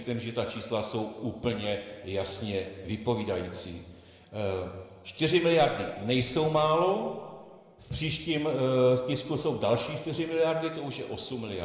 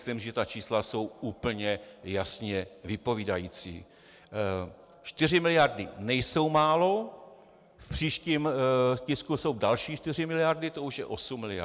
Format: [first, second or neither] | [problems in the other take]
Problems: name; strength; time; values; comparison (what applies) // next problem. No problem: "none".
second | room echo; dies away in 1.6 s